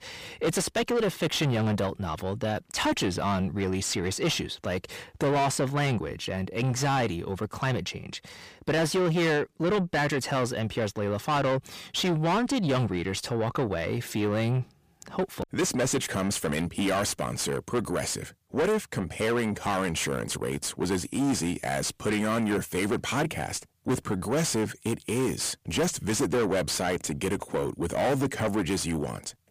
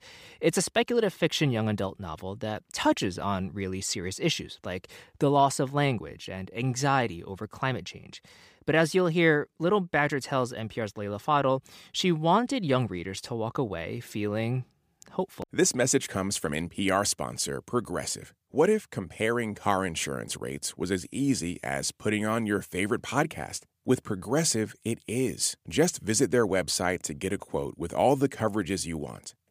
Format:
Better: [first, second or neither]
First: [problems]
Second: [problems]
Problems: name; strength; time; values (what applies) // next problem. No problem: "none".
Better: second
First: distortion; heavy; 6 dB below the speech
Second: none